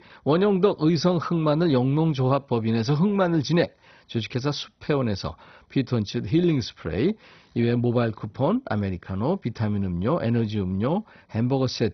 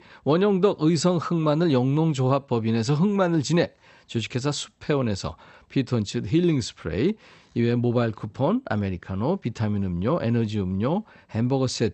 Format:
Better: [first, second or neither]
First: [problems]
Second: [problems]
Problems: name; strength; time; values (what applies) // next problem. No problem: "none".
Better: second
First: garbled, watery; badly; nothing above 6 kHz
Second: garbled, watery; slightly; nothing above 8 kHz